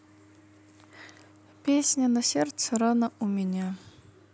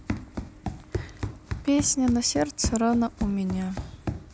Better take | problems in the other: first | background sound (Run); 7 dB below the speech

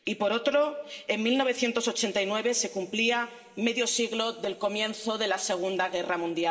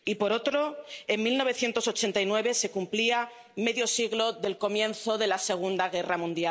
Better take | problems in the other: second | room echo; dies away in 2.4 s

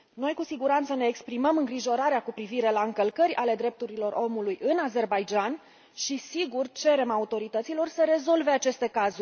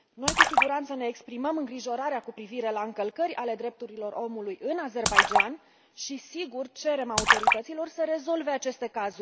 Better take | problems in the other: first | background sound (Splash, splatter); 3 dB above the speech

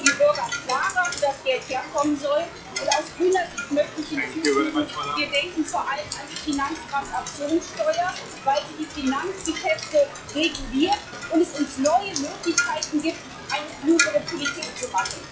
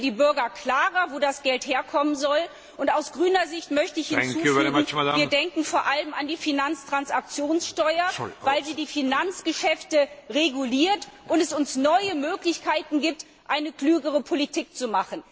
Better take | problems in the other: second | noise reduction (classical method log-MMSE)

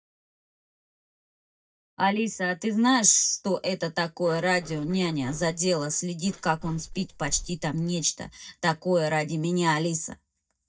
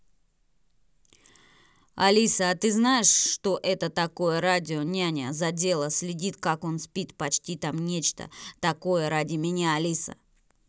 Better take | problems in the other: second | noise reduction (neural mask model DeepFilterNet 3)

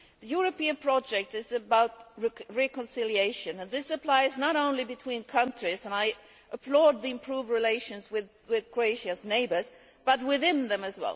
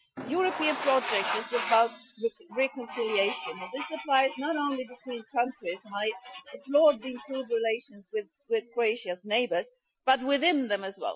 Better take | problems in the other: first | noise reduction (classical method Wiener filter)

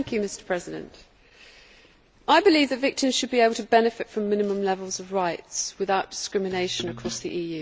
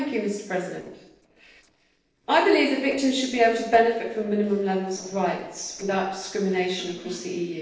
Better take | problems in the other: first | noise reduction (neural separator model SepFormer DNS4)

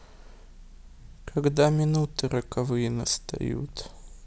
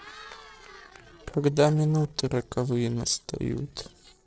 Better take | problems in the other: first | noise reduction (neural separator model SepFormer DNS4)

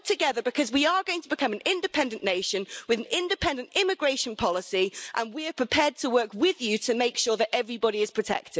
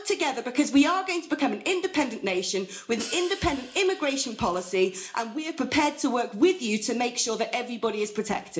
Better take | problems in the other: first | background sound (Hi-hat); 18 dB below the speech // room echo; dies away in 0.4 s

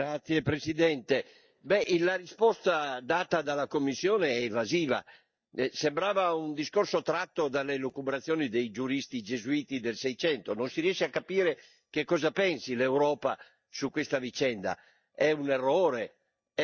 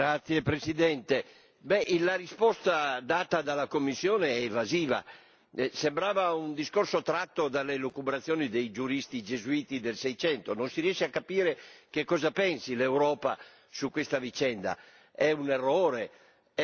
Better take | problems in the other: second | noise reduction (neural mask model DeepFilterNet 3)

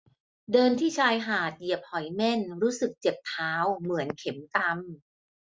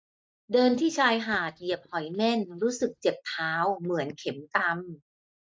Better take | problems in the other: first | noise reduction (neural mask model DeepFilterNet 3)

